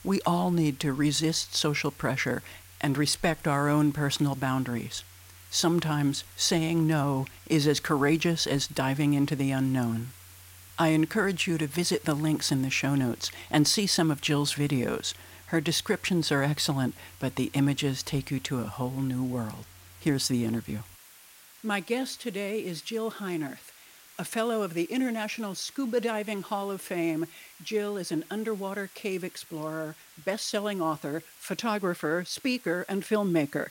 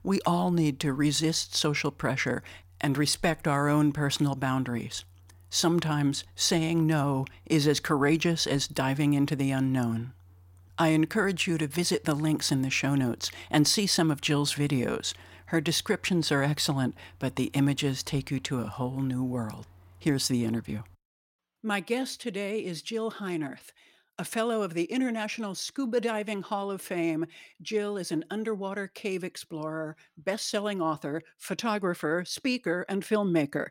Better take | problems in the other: second | hiss; faint; throughout; 20 dB below the speech

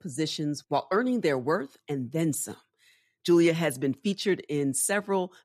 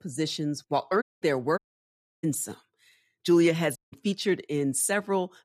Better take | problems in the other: first | audio cutting out; at 1 s, at 1.5 s for 0.5 s and at 4 s

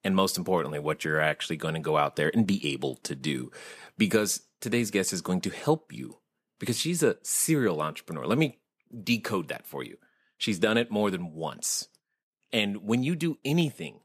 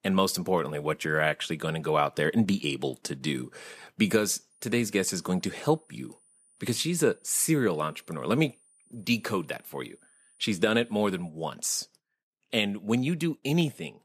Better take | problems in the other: first | high-pitched whine; faint; from 4.5 to 11 s; 9.5 kHz, 30 dB below the speech

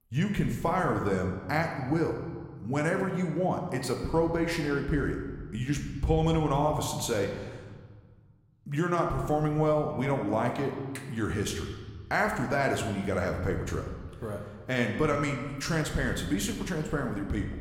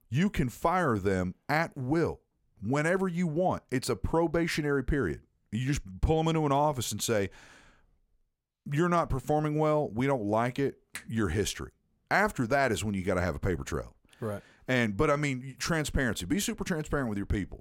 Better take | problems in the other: second | room echo; slight; dies away in 1.4 s

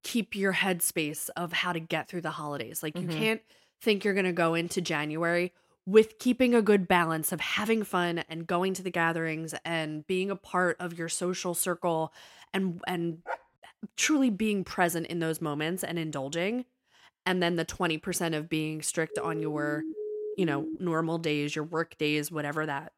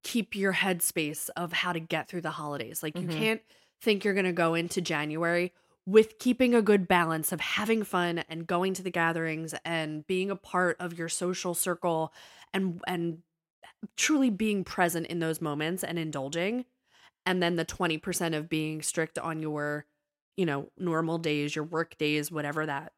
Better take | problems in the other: second | dog barking; faint; at 13 s; peak 10 dB below the speech // siren; noticeable; from 19 to 21 s; peak 7 dB below the speech

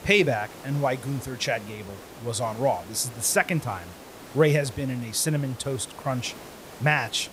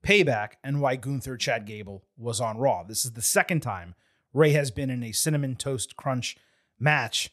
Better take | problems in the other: second | hiss; noticeable; throughout; 15 dB below the speech

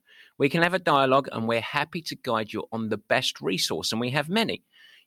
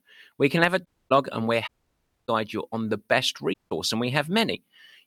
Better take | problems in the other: first | audio cutting out; at 1 s, at 1.5 s for 0.5 s and at 3.5 s

